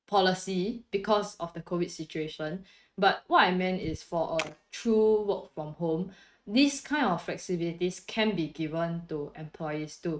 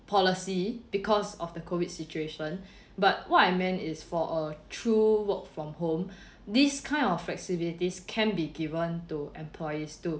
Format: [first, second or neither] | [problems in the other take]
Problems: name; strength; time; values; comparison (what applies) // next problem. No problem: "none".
second | noise reduction (neural mask model RNNoise)